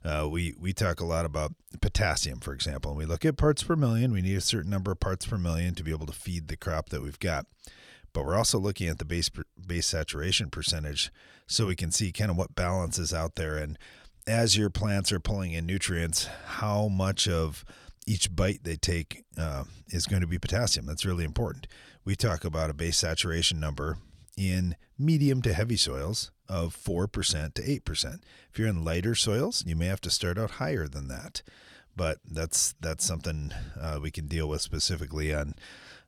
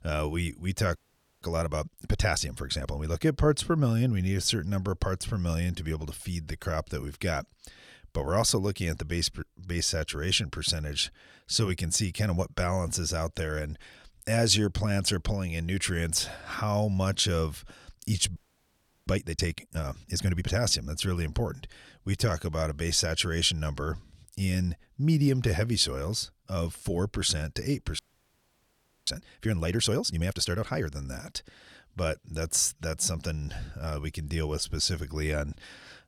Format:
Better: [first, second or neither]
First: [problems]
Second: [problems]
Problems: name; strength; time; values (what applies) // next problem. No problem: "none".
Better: first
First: none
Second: audio freezing; at 1 s, at 18 s for 0.5 s and at 28 s for 1 s